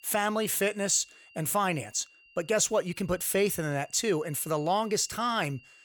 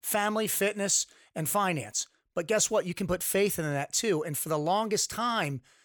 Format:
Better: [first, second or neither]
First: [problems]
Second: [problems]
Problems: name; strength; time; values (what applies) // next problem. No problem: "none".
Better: second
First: high-pitched whine; faint; throughout; 3 kHz, 25 dB below the speech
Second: none